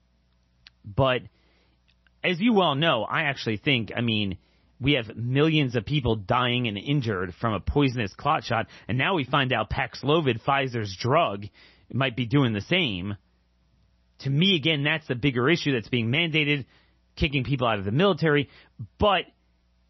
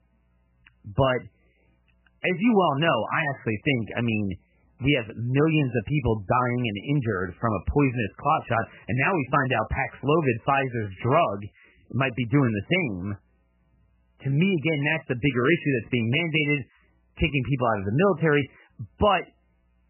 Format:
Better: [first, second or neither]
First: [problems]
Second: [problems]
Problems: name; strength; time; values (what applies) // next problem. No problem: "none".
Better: first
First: garbled, watery; slightly; nothing above 6 kHz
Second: garbled, watery; badly; nothing above 3 kHz